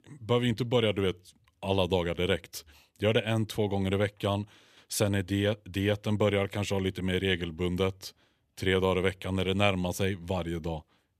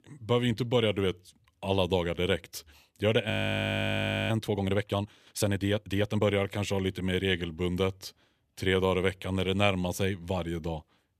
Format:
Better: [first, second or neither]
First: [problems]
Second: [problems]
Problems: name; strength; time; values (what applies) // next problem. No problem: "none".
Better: first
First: none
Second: audio freezing; at 3.5 s for 1 s